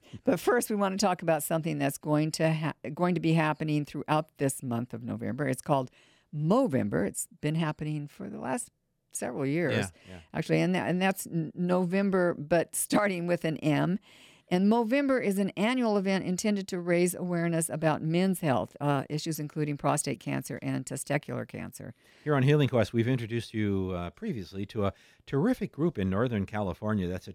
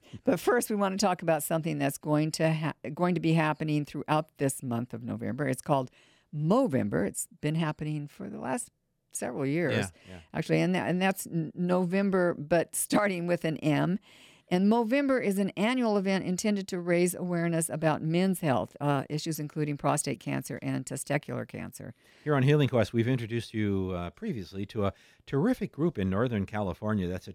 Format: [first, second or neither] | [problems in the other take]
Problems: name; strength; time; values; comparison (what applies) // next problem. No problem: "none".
neither | none